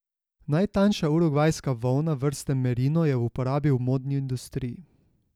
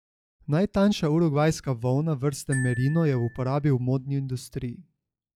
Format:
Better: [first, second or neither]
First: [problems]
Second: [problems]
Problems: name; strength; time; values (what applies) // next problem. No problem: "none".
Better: first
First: none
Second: noise reduction (classical method log-MMSE)